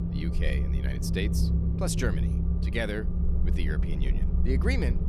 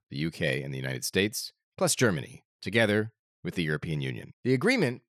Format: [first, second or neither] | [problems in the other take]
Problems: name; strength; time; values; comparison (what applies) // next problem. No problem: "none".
second | low rumble; loud; throughout; 6 dB below the speech